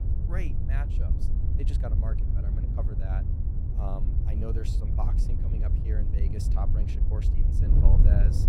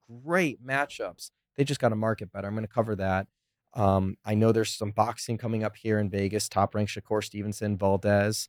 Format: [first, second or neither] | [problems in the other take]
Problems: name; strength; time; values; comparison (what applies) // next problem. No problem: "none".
second | wind noise on the microphone; heavy; as loud as the speech